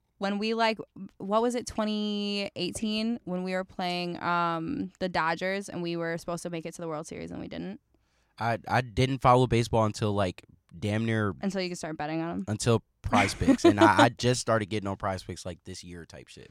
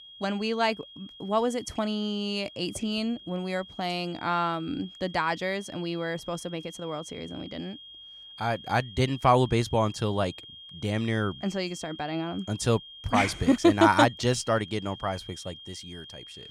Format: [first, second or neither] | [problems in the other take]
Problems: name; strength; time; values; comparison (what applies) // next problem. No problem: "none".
first | high-pitched whine; noticeable; throughout; 3 kHz, 15 dB below the speech